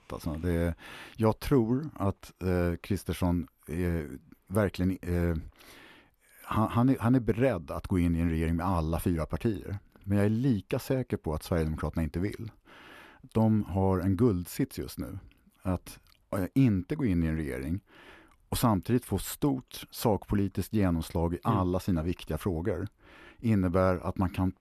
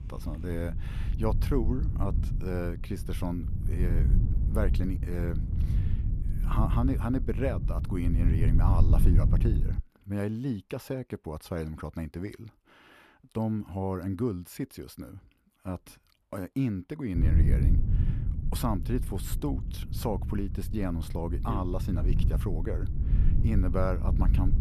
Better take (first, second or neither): first